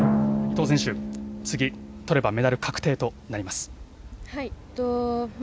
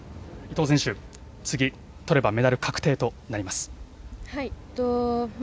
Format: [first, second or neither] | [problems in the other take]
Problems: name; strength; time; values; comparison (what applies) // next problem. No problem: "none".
second | background sound (Drum); 3 dB below the speech